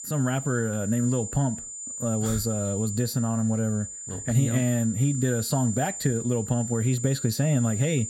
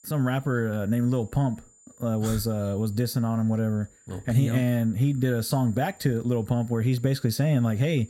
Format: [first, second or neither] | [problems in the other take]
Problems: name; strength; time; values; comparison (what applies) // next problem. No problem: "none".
second | high-pitched whine; loud; throughout; 7 kHz, 7 dB below the speech; faint in the second